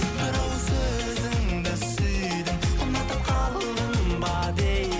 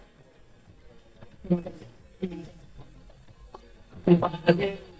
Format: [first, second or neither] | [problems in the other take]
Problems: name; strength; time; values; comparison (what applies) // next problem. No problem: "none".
first | noise reduction (neural mask model DeepFilterNet 3)